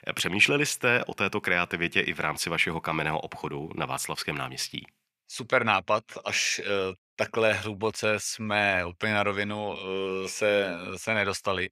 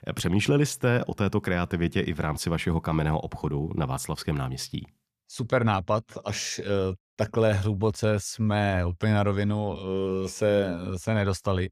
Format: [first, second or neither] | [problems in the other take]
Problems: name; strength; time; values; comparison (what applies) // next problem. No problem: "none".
second | thin; somewhat; fading below 550 Hz